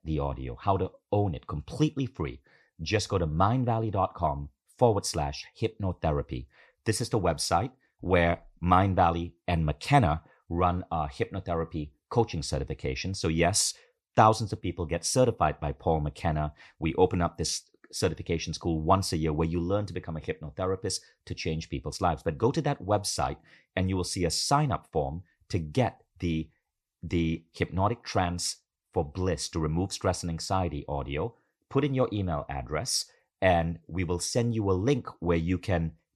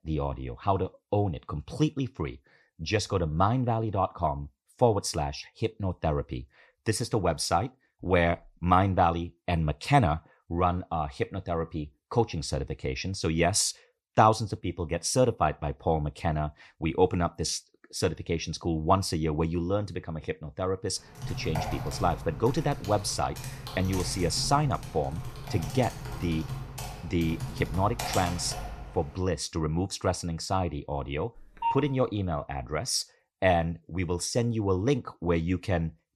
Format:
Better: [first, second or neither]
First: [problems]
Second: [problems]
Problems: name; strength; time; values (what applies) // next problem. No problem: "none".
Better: first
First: none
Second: keyboard typing; noticeable; from 21 to 29 s; peak 4 dB below the speech // phone ringing; noticeable; at 31 s; peak 3 dB below the speech